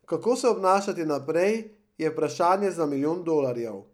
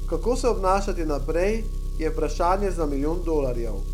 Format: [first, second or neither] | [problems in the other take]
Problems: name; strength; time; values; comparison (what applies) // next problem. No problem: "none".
first | background sound (Engine); 1 dB below the speech